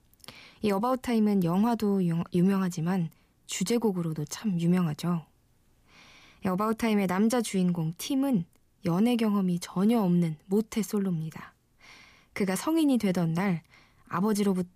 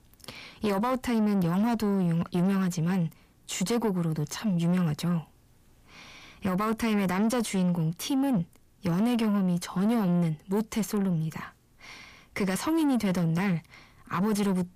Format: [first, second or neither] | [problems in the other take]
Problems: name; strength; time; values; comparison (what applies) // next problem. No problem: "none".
first | distortion; slight; 10 dB below the speech